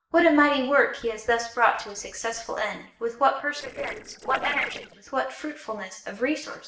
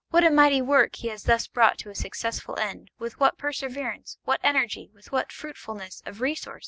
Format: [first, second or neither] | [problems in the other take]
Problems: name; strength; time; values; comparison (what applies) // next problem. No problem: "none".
second | noise reduction (neural separator model SepFormer DNS4)